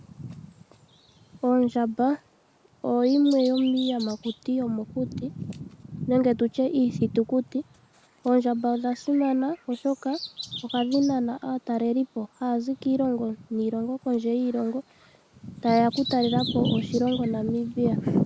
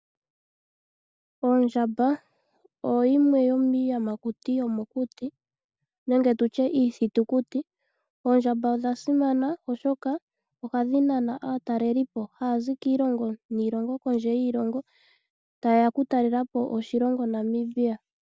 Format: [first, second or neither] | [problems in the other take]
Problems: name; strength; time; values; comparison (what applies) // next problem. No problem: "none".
second | background sound (Bird vocalization, bird call, bird song); 10 dB below the speech